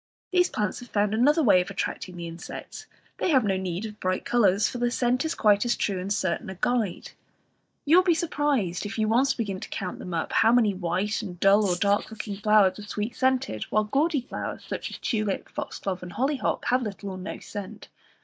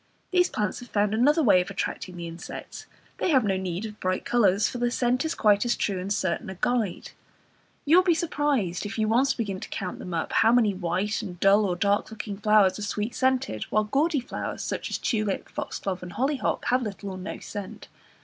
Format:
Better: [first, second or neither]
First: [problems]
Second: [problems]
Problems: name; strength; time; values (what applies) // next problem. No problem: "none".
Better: second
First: noise reduction (neural mask model DeepFilterNet 3)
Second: none